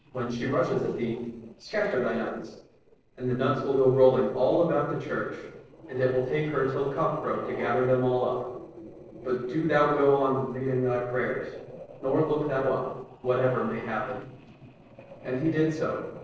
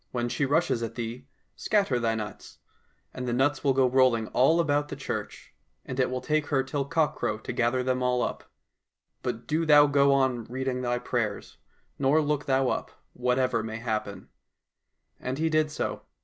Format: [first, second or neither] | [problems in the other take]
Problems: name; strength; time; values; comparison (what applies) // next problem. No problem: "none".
second | noise reduction (neural separator model SepFormer DNS4)